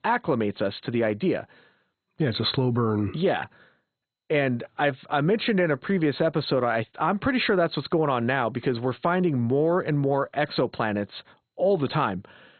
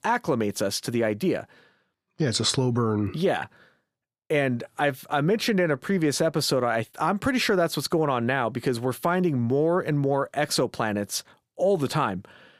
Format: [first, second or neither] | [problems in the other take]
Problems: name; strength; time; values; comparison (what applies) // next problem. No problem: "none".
second | garbled, watery; badly; nothing above 4 kHz